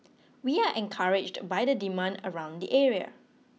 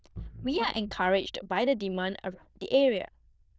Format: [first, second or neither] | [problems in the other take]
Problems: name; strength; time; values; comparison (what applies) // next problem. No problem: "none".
first | noise reduction (neural diffusion model UNIVERSE++)